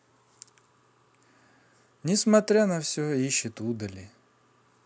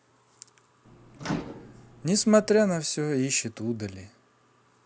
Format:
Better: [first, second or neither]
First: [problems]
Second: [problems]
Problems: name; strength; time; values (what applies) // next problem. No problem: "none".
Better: first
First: none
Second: background sound (Microwave oven); 14 dB below the speech